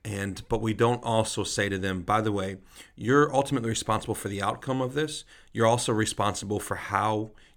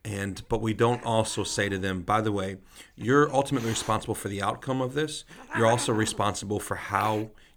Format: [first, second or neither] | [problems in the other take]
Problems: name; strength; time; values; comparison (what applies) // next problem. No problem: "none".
first | hiss; noticeable; throughout; 15 dB below the speech